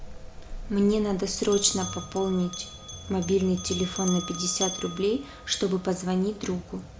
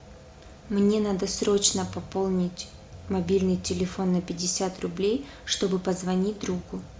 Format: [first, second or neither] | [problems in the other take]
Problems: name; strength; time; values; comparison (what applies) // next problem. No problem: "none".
second | background sound (Bell); 12 dB below the speech